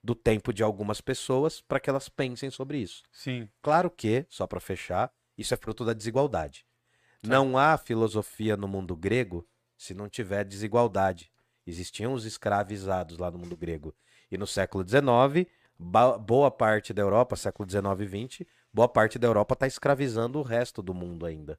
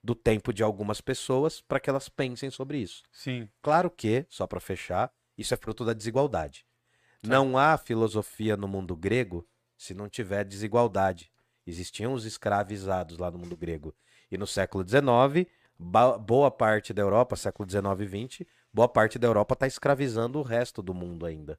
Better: neither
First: none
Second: none

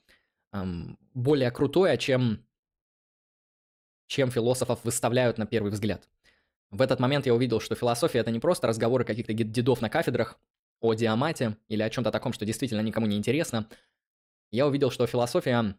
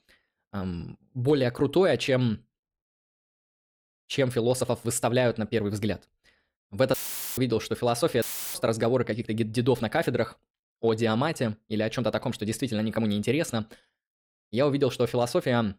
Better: first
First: none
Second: audio cutting out; filled with static; at 7 s and at 8 s

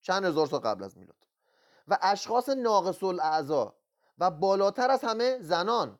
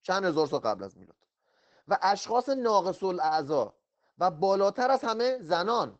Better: first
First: none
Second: garbled, watery; badly

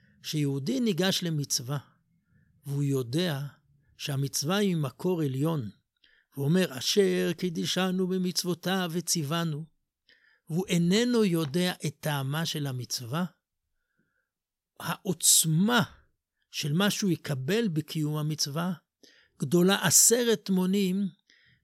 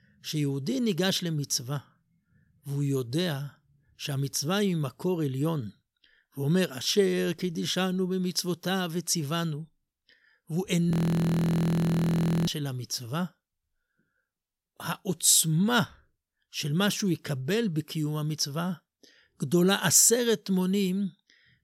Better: first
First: none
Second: audio freezing; at 11 s for 1.5 s

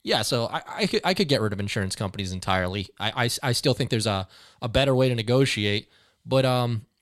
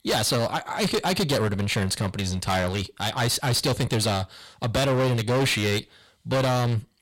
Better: first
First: none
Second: distortion; heavy; 21% of the sound clipped

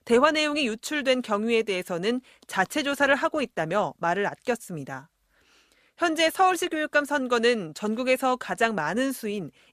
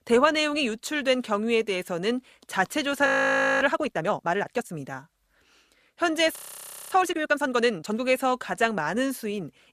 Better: first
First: none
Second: audio freezing; at 3 s for 0.5 s and at 6.5 s for 0.5 s

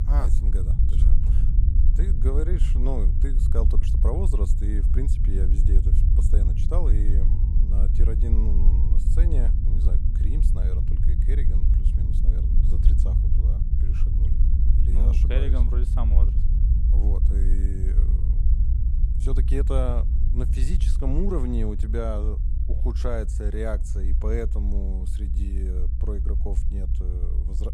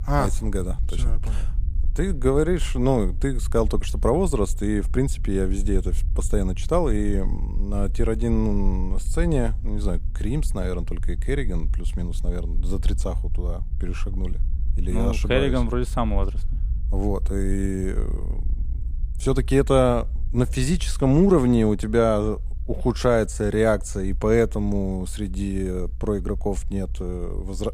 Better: second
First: low rumble; loud; throughout; 5 dB below the speech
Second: low rumble; faint; throughout; 25 dB below the speech

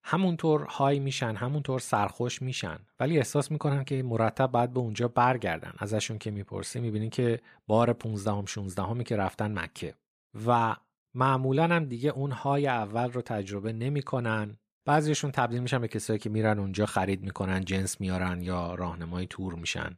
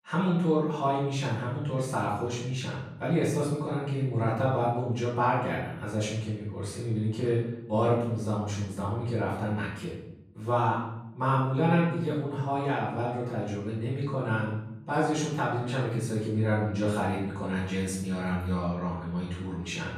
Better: first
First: none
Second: off-mic speech; far // room echo; noticeable; dies away in 0.8 s

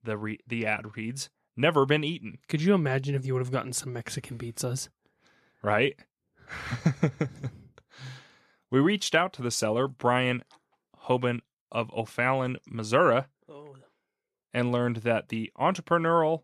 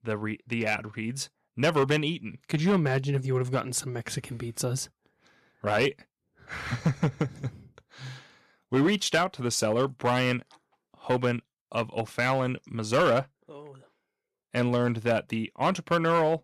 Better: first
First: none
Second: distortion; slight; 3% of the sound clipped

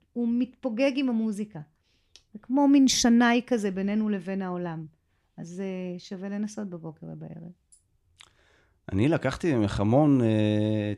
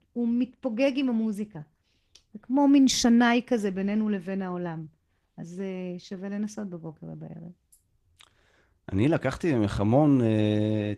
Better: first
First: none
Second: garbled, watery; slightly; nothing above 14.5 kHz

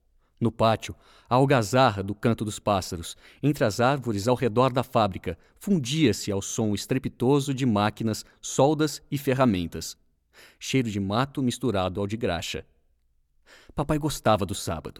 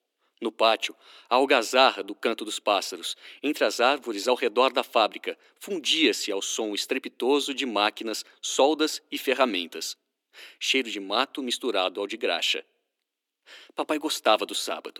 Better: first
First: none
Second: thin; somewhat; fading below 300 Hz

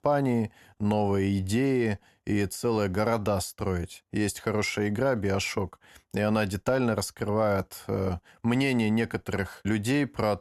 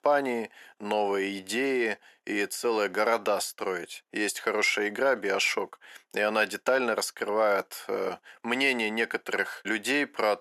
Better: first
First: none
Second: thin; somewhat; fading below 350 Hz

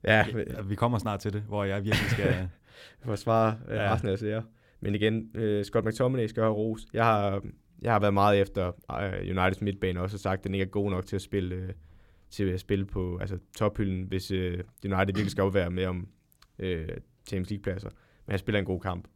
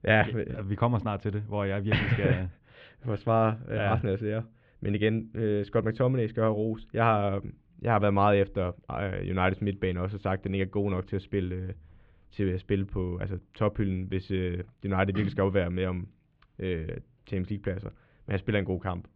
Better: first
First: none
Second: muffled; very; fading above 3 kHz

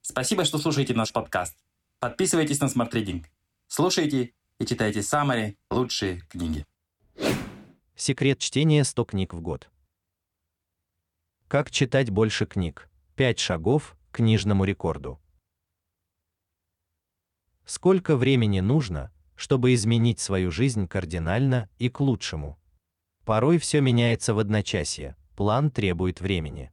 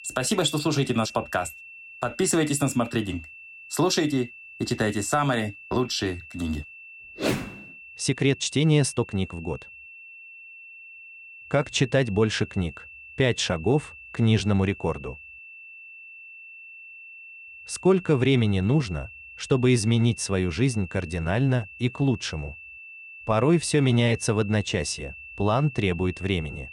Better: first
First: none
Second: high-pitched whine; noticeable; throughout; 2.5 kHz, 15 dB below the speech

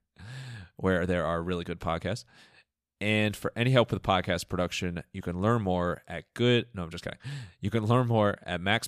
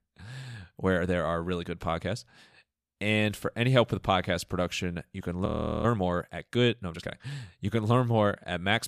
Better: first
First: none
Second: audio freezing; at 5.5 s

